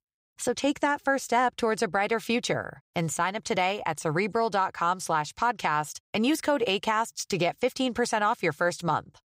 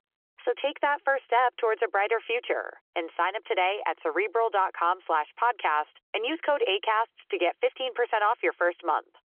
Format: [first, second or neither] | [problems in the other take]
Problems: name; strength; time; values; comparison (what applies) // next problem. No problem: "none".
first | phone-call audio; nothing above 3.5 kHz